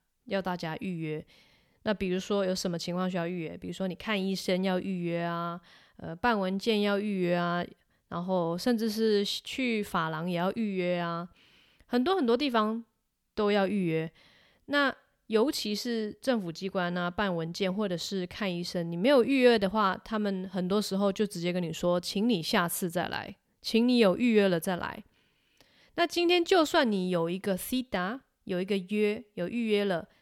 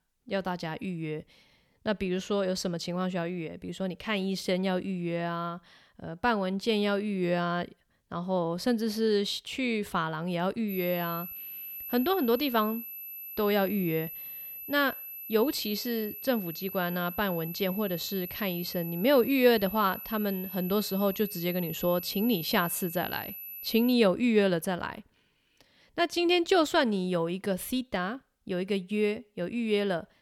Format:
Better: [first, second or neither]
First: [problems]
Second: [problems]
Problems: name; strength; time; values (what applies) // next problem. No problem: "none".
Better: first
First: none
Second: high-pitched whine; loud; from 11 to 24 s; 12 kHz, 9 dB below the speech